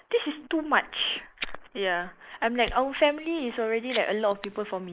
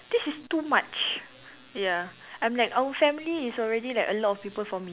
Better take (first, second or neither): second